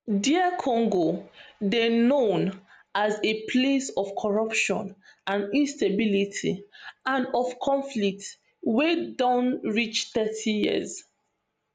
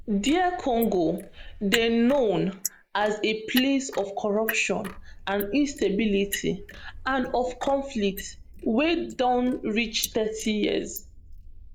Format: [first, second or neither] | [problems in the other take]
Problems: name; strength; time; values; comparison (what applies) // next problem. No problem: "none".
first | noise reduction (neural mask model Resemble Enhance denoiser)